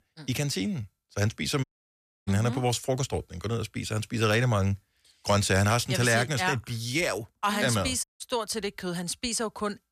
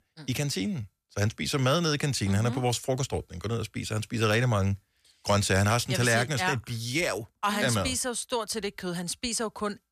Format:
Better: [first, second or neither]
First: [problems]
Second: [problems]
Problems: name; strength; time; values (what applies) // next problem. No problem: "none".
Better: second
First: audio cutting out; at 1.5 s for 0.5 s and at 8 s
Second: none